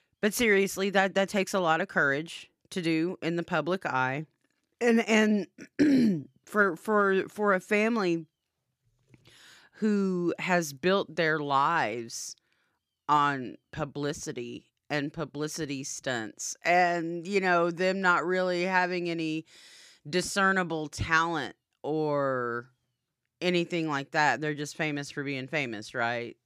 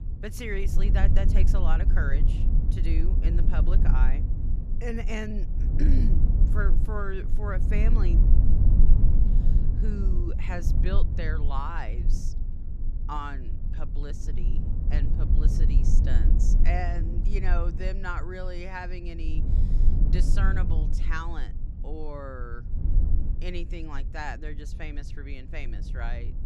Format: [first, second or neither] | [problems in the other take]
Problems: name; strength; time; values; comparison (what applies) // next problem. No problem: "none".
first | low rumble; loud; throughout; 6 dB below the speech